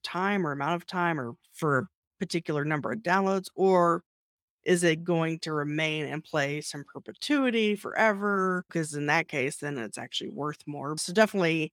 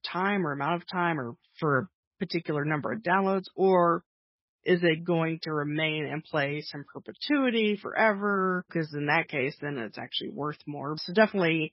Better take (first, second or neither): first